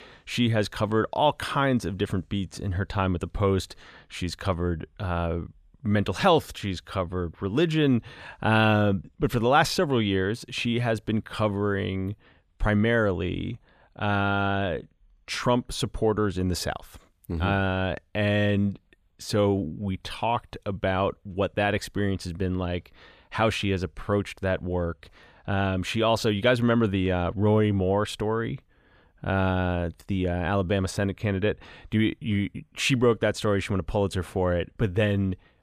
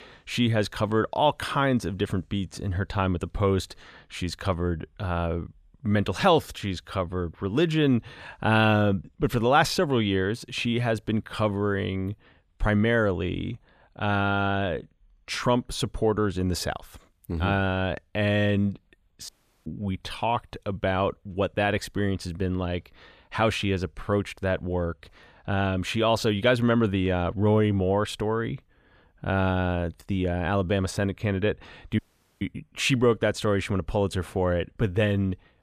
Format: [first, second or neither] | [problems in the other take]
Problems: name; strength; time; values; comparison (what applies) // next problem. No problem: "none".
first | audio cutting out; at 19 s and at 32 s